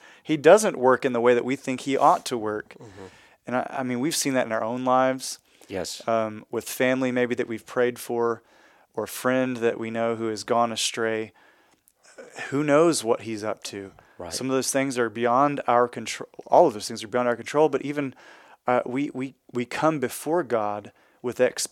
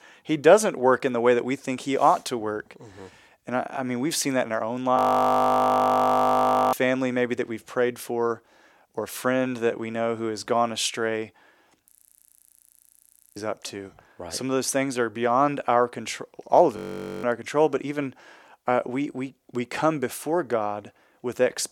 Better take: first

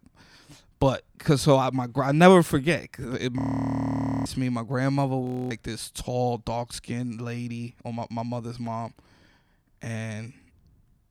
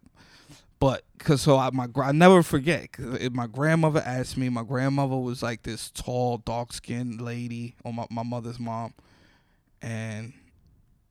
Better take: second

